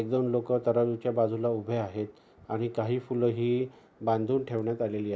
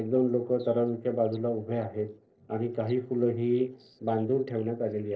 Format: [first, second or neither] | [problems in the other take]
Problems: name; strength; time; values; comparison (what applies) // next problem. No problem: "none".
first | noise reduction (neural separator model SepFormer DNS4)